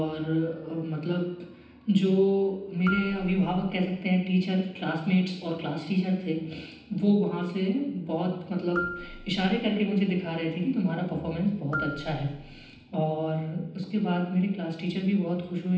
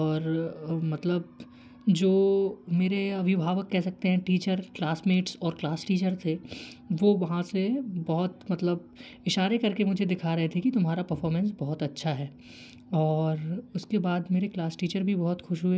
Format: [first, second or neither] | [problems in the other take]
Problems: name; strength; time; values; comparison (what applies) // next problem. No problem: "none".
second | background sound (Marimba, xylophone); 13 dB below the speech // room echo; dies away in 0.9 s